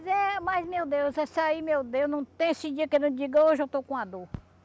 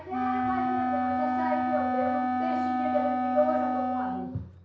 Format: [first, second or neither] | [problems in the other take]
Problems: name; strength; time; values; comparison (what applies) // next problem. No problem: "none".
first | background sound (Wind instrument, woodwind instrument); 5 dB above the speech // room echo; dies away in 0.6 s